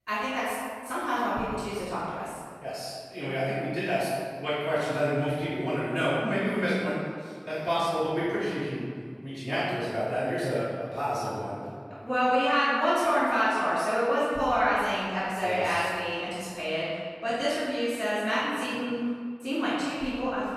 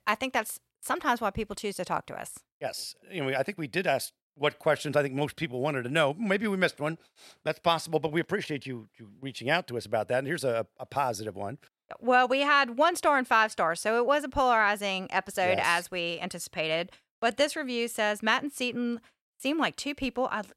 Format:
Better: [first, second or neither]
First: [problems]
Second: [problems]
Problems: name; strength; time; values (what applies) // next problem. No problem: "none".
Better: second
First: off-mic speech; far // room echo; strong; dies away in 1.7 s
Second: none